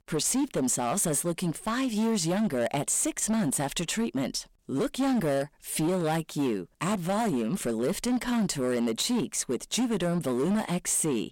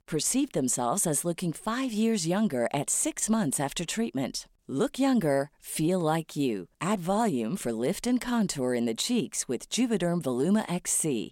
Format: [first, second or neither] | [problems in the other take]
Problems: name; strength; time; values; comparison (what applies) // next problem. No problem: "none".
second | distortion; slight; 15% of the sound clipped